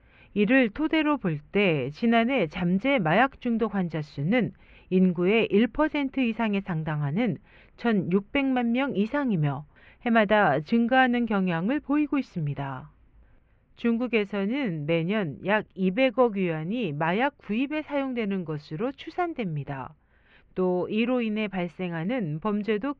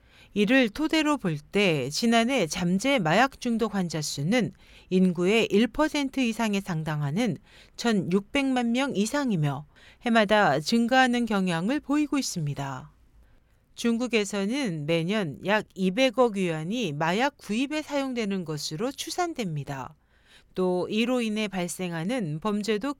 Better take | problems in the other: second | muffled; very; fading above 2.5 kHz

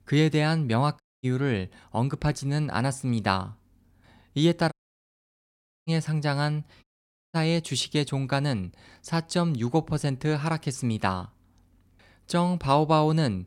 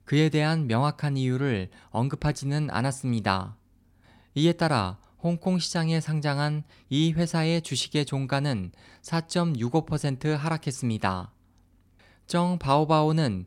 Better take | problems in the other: second | audio cutting out; at 1 s, at 4.5 s for 1 s and at 7 s

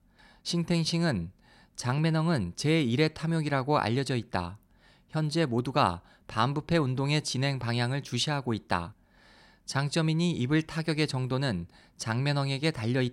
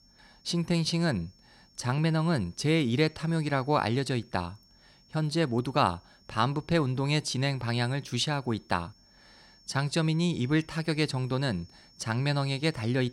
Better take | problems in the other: first | high-pitched whine; faint; throughout; 5.5 kHz, 30 dB below the speech

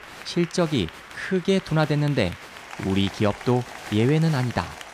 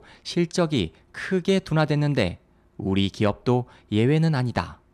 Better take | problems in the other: second | crowd noise; noticeable; throughout; 15 dB below the speech

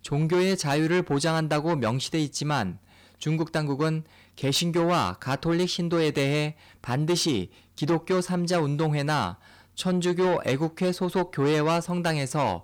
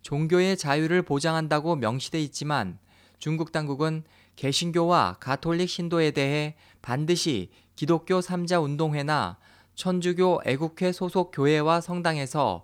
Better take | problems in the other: second | distortion; slight; 10 dB below the speech

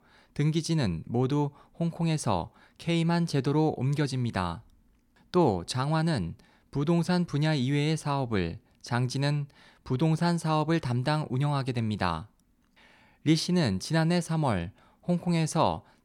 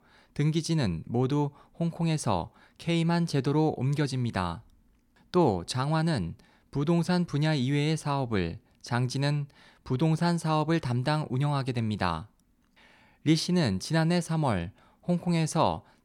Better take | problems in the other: neither | none

